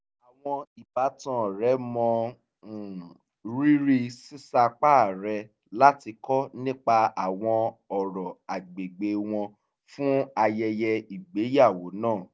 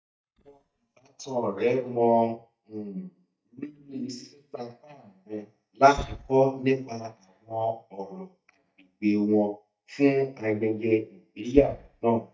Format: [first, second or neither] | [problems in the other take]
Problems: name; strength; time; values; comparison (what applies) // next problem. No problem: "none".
first | noise reduction (neural mask model DeepFilterNet 3)